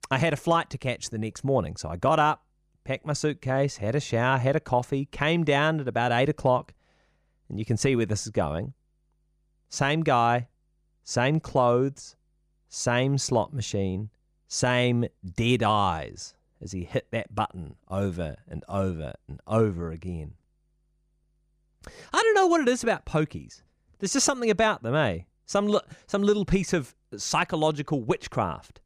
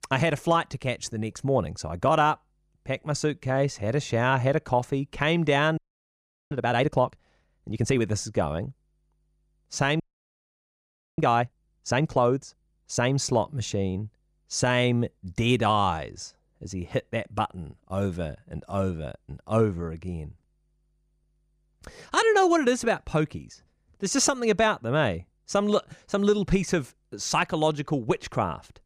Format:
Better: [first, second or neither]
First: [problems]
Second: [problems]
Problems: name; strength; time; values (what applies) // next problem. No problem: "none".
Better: first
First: none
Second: audio freezing; at 6 s for 0.5 s and at 10 s for 1 s